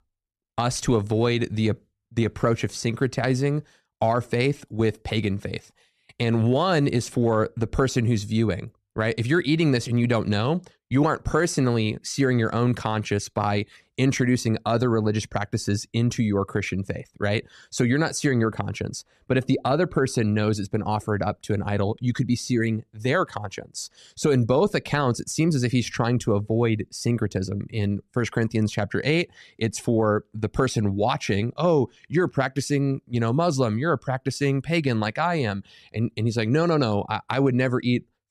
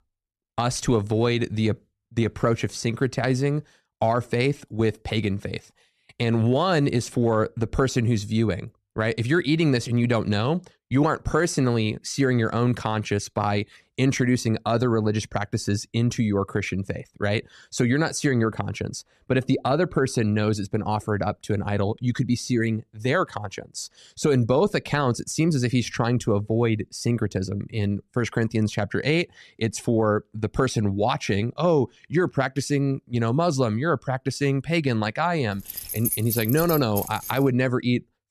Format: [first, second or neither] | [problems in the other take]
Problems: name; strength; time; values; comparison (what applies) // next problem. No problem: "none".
first | jangling keys; noticeable; from 36 to 37 s; peak 2 dB below the speech